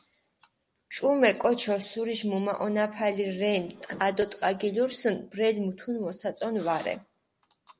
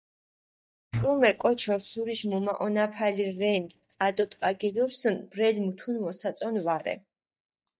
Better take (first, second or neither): first